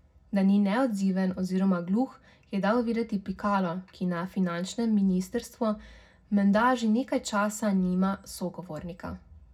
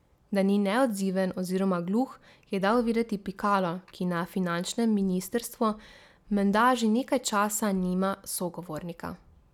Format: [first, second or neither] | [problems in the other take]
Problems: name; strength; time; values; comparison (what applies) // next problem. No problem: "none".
second | room echo; dies away in 0.4 s